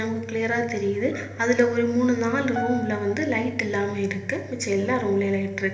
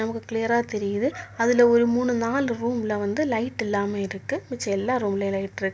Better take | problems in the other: second | background sound (Piano); 12 dB below the speech // room echo; dies away in 1 s

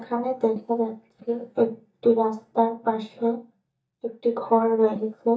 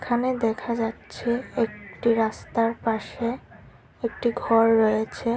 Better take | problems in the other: second | noise reduction (neural mask model DeepFilterNet 3)

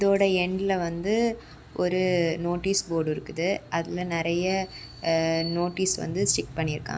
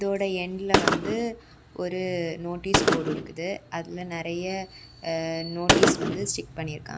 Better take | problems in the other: first | background sound (Gunshot, gunfire); 2 dB above the speech

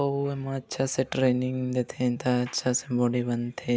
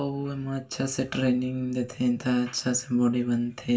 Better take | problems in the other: first | room echo; dies away in 0.2 s

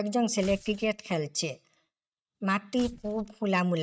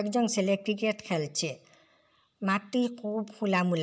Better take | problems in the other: second | noise reduction (neural mask model RNNoise)

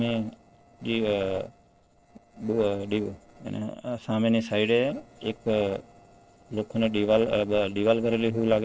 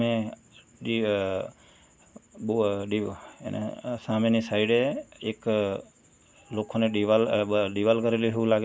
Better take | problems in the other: second | noise reduction (neural separator model SepFormer DNS4)

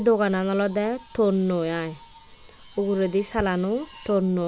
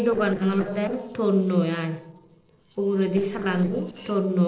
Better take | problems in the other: first | noise reduction (neural separator model SepFormer DNS4)

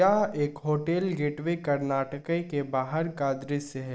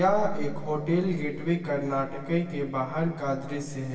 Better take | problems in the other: first | room echo; dies away in 2.4 s

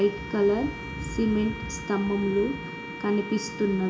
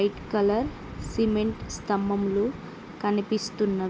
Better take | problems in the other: second | background sound (Bowed string instrument); 13 dB below the speech // room echo; dies away in 0.4 s

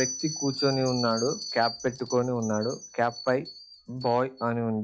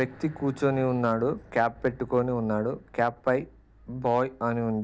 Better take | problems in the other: second | noise reduction (classical method log-MMSE)

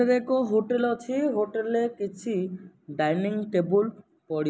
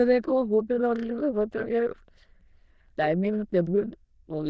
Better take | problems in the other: first | noise reduction (neural diffusion model UNIVERSE++)

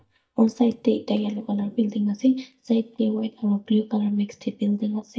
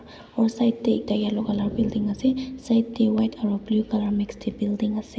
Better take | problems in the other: second | noise reduction (neural mask model DeepFilterNet 3)

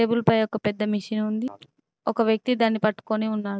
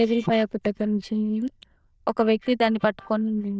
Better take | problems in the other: first | noise reduction (neural diffusion model UNIVERSE++)

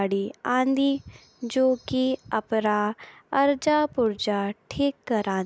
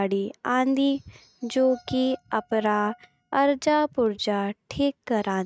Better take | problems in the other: first | noise reduction (neural mask model RNNoise)

